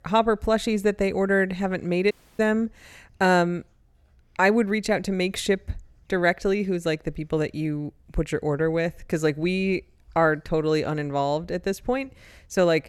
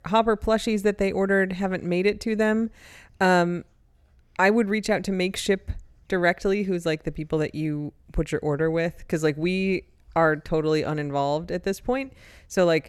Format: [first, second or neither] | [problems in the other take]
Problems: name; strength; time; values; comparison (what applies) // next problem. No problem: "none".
second | audio cutting out; at 2 s